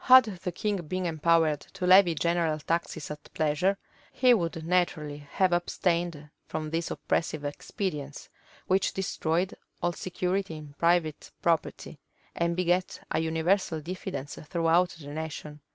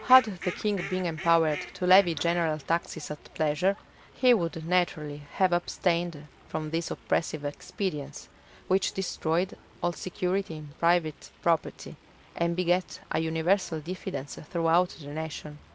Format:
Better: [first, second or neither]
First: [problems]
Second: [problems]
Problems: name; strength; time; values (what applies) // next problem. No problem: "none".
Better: first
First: none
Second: background sound (Fowl); 19 dB below the speech